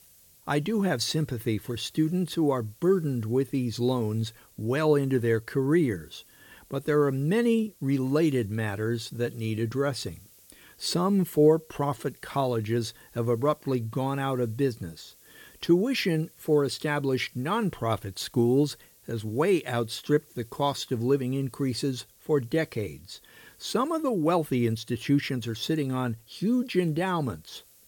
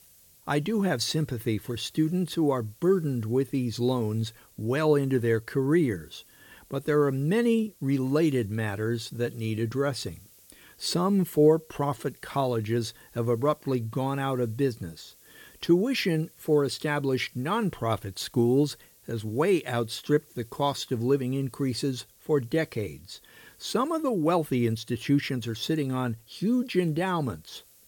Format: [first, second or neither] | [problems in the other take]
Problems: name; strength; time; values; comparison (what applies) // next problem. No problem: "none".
neither | hiss; faint; throughout; 25 dB below the speech; the same in both